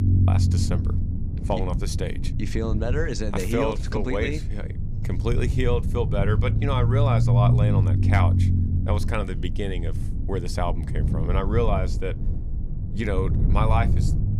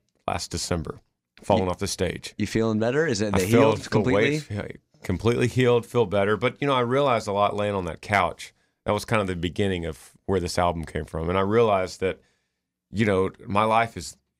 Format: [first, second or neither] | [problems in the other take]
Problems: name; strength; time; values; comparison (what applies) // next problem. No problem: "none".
second | low rumble; loud; throughout; 8 dB below the speech